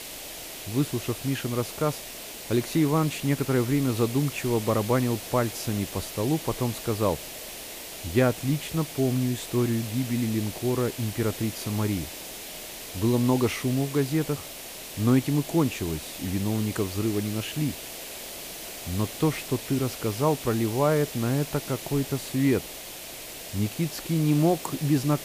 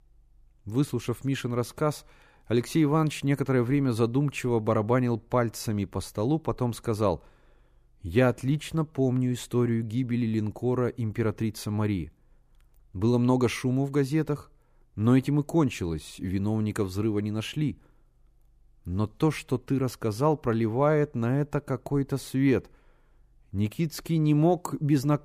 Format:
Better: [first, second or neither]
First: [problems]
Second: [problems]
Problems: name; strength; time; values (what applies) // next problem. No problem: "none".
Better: second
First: hiss; loud; throughout; 10 dB below the speech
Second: none